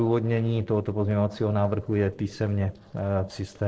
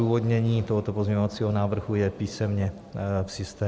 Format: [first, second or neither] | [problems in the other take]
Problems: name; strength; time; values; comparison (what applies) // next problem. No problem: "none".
second | noise reduction (neural separator model SepFormer DNS4)